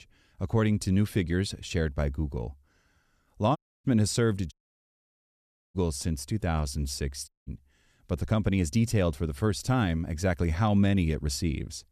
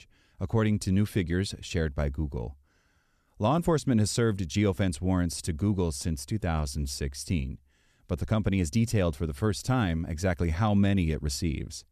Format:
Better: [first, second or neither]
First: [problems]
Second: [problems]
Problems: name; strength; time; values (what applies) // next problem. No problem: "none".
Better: second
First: audio cutting out; at 3.5 s, at 4.5 s for 1 s and at 7.5 s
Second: none